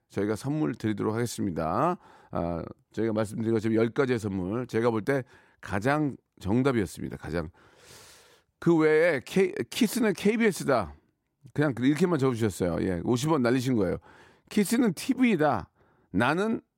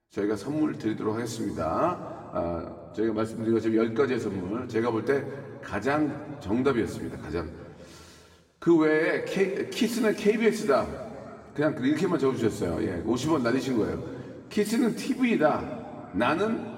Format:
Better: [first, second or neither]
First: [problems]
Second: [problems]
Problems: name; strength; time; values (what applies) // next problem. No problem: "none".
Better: first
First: none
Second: room echo; slight; dies away in 2 s // off-mic speech; somewhat distant